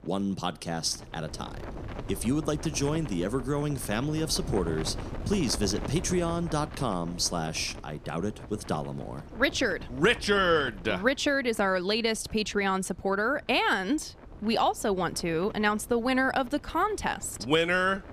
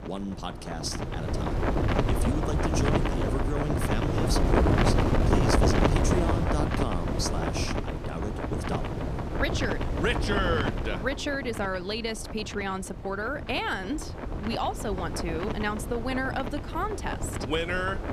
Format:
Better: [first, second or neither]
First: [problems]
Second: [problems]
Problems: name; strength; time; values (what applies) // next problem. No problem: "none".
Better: first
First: wind noise on the microphone; occasional gusts; 15 dB below the speech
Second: wind noise on the microphone; heavy; as loud as the speech